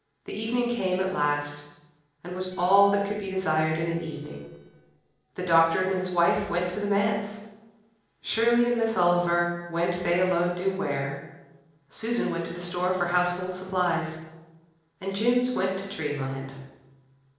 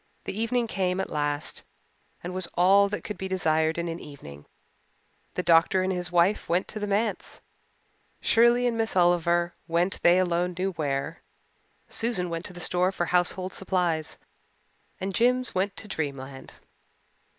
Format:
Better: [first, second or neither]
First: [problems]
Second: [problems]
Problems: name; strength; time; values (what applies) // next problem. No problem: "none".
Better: second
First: noise reduction (neural separator model SepFormer DNS4)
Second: none